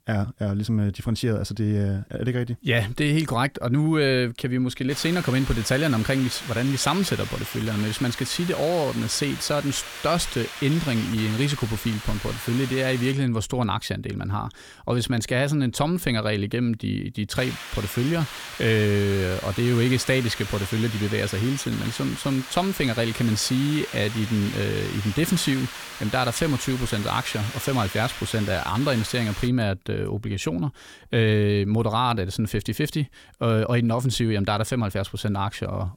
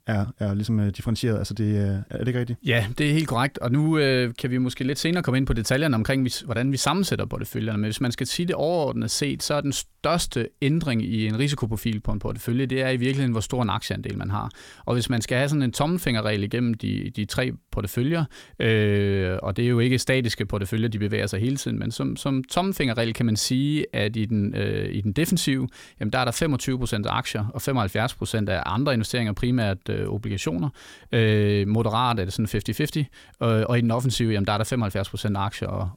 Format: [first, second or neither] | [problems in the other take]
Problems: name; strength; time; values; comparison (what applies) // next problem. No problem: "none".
second | hiss; noticeable; from 5 to 13 s and from 17 to 29 s; 10 dB below the speech